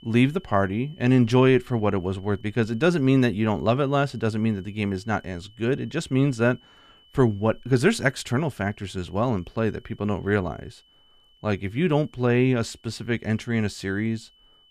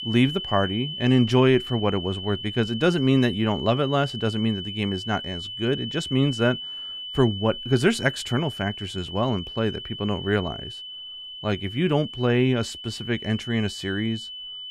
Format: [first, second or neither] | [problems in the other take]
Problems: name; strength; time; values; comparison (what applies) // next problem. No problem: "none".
first | high-pitched whine; loud; throughout; 3 kHz, 9 dB below the speech; faint in the first